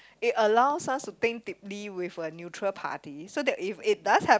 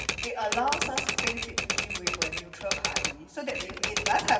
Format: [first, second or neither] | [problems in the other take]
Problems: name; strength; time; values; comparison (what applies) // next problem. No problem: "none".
first | background sound (Typewriter); 1 dB above the speech // room echo; dies away in 1.2 s